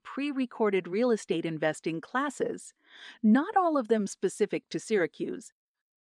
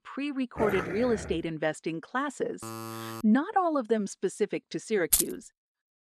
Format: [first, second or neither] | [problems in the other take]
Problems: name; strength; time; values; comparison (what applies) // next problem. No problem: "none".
first | dog barking; noticeable; at 0.5 s; peak 3 dB below the speech // alarm; noticeable; at 2.5 s; peak 9 dB below the speech // jangling keys; loud; at 5 s; peak 5 dB above the speech